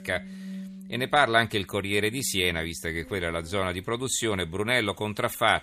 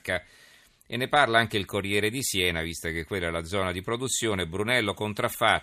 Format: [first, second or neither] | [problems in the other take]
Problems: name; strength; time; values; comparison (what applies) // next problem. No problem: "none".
second | background music; noticeable; throughout; 20 dB below the speech